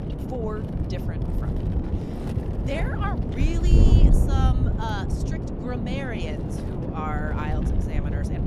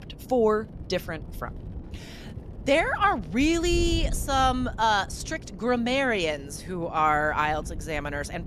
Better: second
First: wind noise on the microphone; heavy; 1 dB below the speech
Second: wind noise on the microphone; occasional gusts; 25 dB below the speech

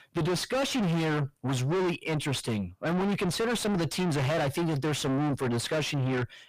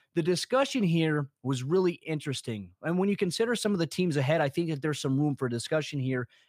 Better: second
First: distortion; heavy; 6 dB below the speech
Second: none

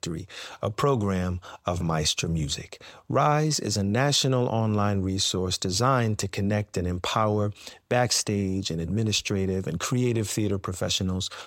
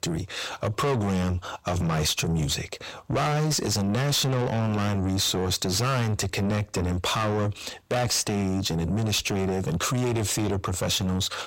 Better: first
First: none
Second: distortion; heavy; 6 dB below the speech

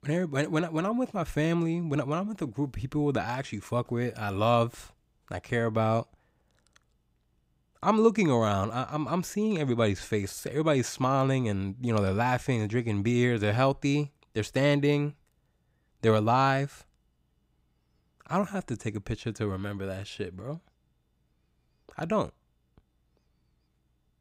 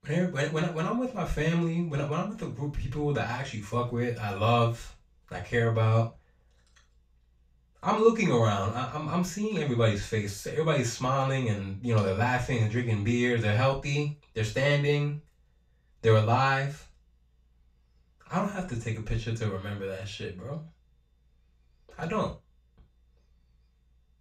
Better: first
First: none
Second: room echo; slight; dies away in 0.3 s // off-mic speech; far

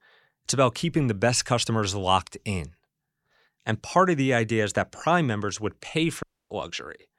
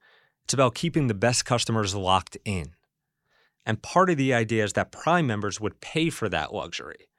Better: second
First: audio cutting out; at 6 s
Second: none

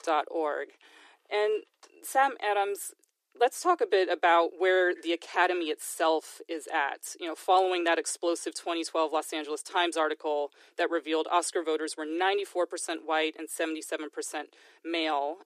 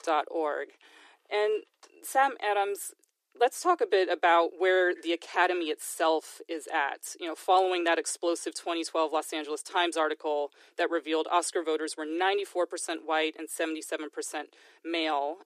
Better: neither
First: thin; very; fading below 300 Hz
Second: thin; very; fading below 300 Hz

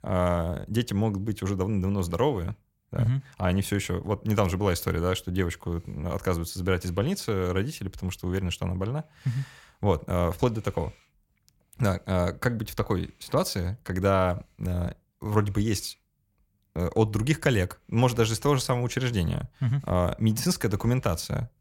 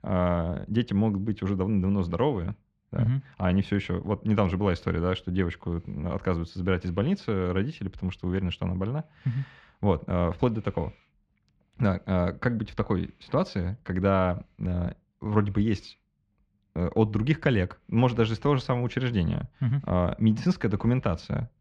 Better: first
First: none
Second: muffled; slightly; fading above 3.5 kHz

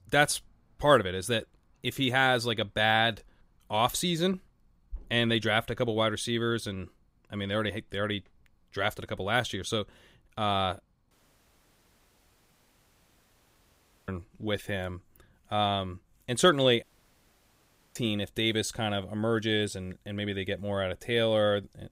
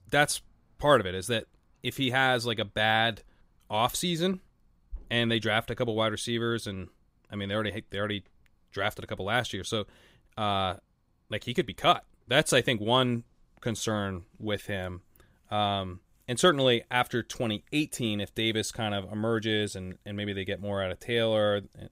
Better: second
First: audio cutting out; at 11 s for 3 s and at 17 s for 1 s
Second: none

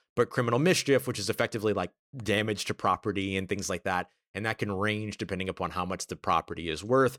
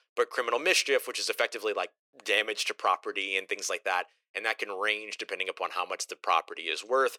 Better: first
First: none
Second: thin; very; fading below 450 Hz

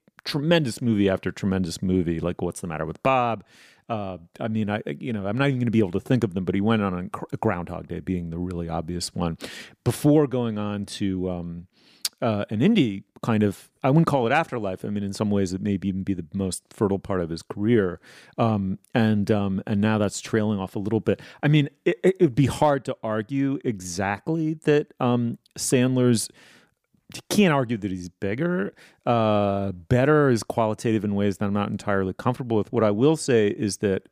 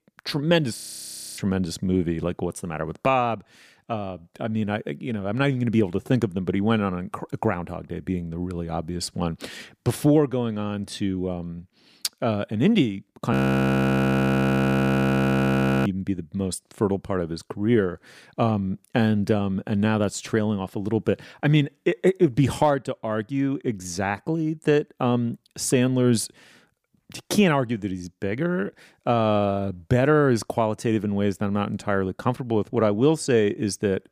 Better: first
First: none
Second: audio freezing; at 1 s for 0.5 s and at 13 s for 2.5 s

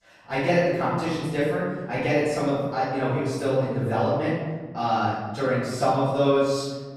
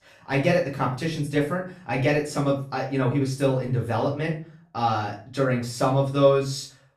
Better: second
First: room echo; strong; dies away in 1.3 s // off-mic speech; far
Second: room echo; slight; dies away in 0.4 s // off-mic speech; far

